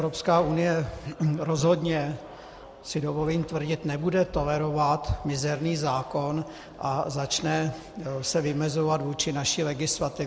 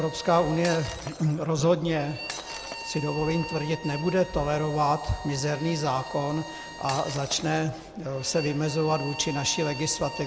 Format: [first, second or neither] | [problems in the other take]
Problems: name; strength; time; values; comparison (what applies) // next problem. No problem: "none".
first | background sound (Bowed string instrument + Shatter); 13 dB below the speech